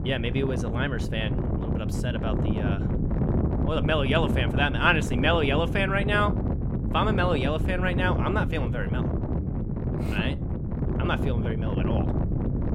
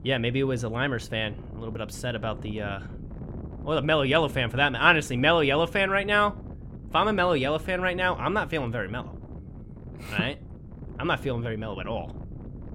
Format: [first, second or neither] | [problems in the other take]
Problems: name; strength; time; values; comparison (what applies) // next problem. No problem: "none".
second | wind noise on the microphone; heavy; 8 dB below the speech; occasional gusts in the second